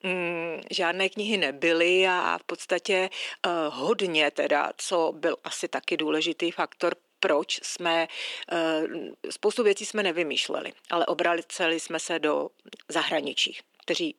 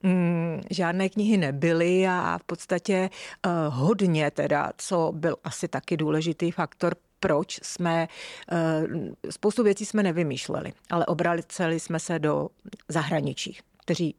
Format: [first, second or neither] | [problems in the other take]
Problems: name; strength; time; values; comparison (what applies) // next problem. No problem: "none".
second | thin; somewhat; fading below 300 Hz